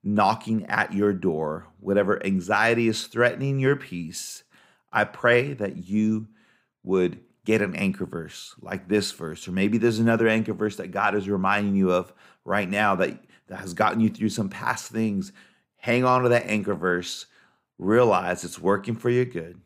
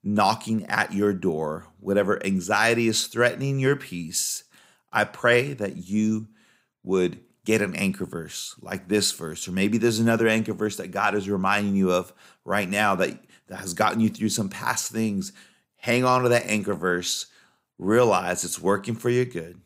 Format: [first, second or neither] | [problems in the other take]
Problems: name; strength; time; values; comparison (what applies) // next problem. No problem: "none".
second | muffled; slightly; fading above 4 kHz